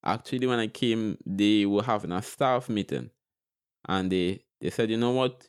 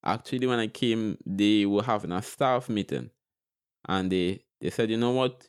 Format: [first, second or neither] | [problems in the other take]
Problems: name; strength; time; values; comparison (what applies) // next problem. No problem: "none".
neither | none